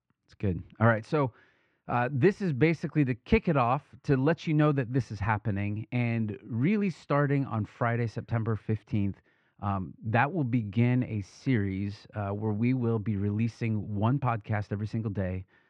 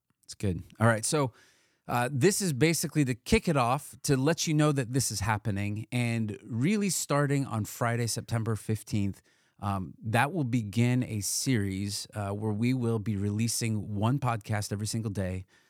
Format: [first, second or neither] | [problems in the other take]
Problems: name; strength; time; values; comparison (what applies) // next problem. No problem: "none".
second | muffled; very; fading above 2.5 kHz